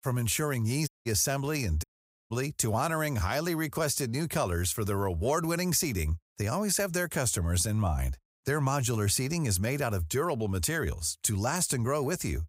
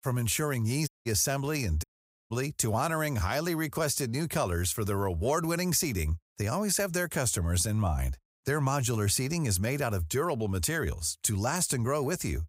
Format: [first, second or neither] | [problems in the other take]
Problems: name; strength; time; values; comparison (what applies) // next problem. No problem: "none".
neither | audio cutting out; at 1 s and at 2 s; the same in both